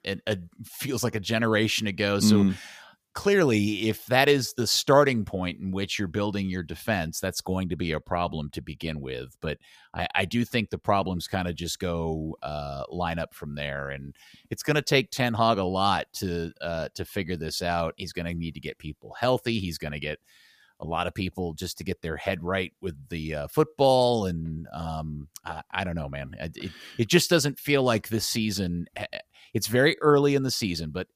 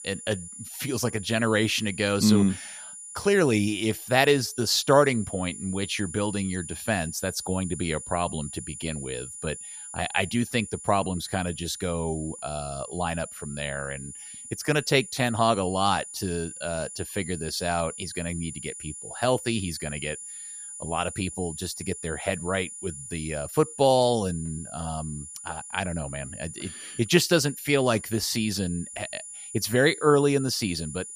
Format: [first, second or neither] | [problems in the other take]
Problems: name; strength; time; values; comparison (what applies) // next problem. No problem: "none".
first | high-pitched whine; noticeable; throughout; 9.5 kHz, 10 dB below the speech